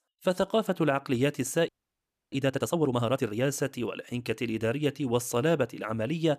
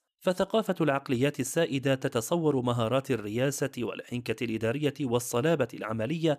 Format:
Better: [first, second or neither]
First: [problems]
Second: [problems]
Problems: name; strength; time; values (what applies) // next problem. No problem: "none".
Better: second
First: audio freezing; at 1.5 s for 0.5 s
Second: none